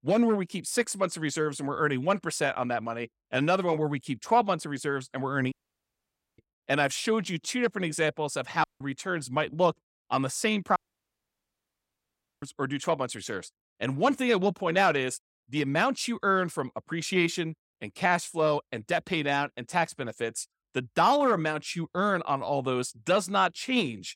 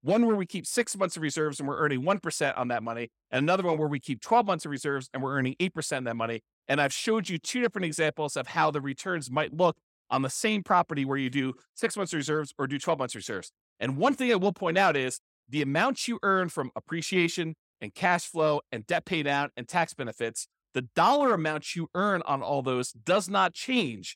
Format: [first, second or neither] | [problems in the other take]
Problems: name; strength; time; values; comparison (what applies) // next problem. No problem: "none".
second | audio cutting out; at 5.5 s for 1 s, at 8.5 s and at 11 s for 1.5 s